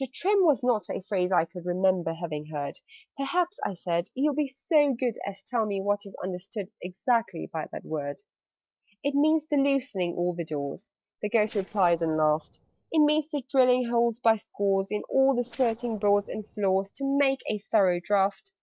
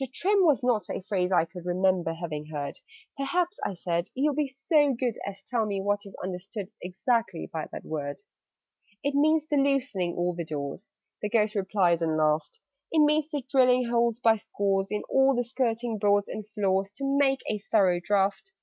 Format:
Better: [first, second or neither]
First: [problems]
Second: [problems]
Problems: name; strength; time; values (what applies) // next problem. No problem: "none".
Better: second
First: noise reduction (neural separator model SepFormer DNS4)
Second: none